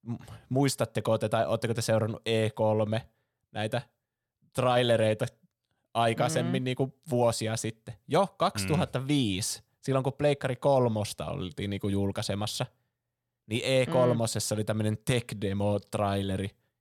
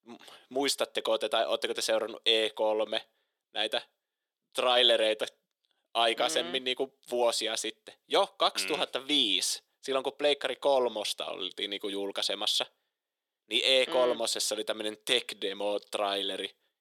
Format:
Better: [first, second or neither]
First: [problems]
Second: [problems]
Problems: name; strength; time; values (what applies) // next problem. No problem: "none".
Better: first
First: none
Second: thin; somewhat; fading below 350 Hz